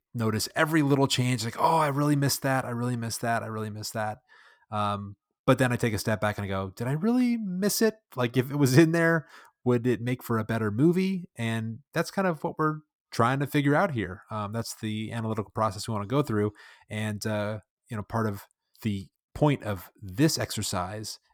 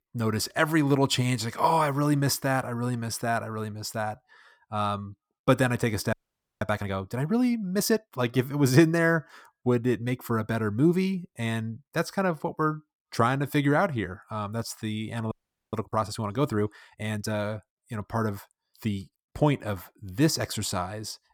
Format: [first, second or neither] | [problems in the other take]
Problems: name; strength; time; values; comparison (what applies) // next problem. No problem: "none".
first | audio freezing; at 6 s and at 15 s